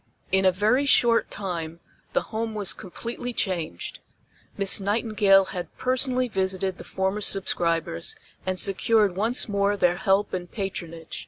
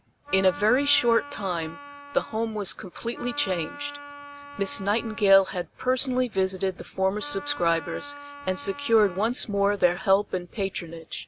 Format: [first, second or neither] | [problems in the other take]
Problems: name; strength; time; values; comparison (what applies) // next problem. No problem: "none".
first | background sound (Wind instrument, woodwind instrument); 15 dB below the speech